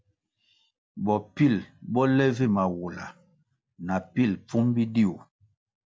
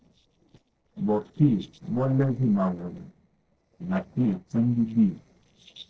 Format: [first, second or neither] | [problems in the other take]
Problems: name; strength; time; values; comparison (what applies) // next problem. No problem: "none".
first | noise reduction (neural separator model SepFormer DNS4)